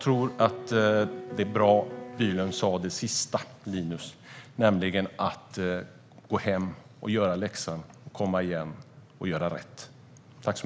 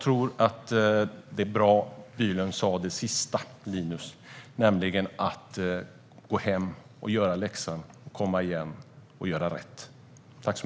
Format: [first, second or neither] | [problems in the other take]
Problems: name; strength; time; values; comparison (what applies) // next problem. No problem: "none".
second | background sound (Piano); 11 dB below the speech